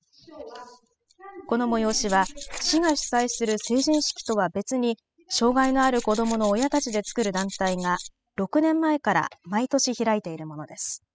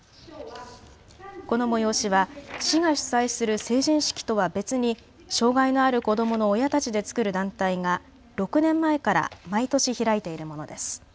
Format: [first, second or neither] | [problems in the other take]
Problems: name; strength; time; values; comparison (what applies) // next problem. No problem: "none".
second | noise reduction (classical method spectral subtraction)